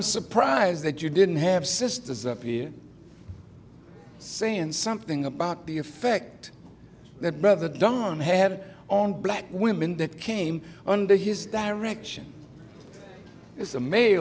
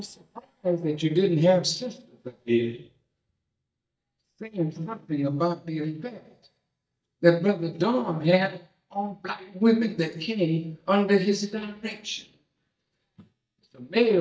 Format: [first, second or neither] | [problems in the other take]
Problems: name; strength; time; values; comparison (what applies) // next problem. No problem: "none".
first | noise reduction (neural mask model DeepFilterNet 3)